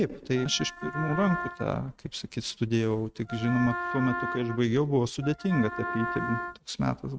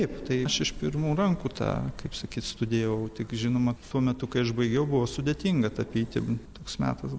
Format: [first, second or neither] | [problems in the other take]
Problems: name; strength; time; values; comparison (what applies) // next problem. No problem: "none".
second | noise reduction (neural mask model RNNoise)